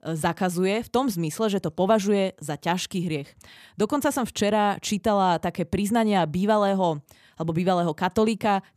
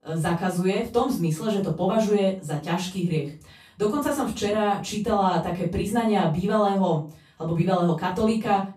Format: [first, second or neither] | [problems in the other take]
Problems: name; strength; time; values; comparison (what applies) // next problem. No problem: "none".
first | off-mic speech; far // room echo; slight; dies away in 0.3 s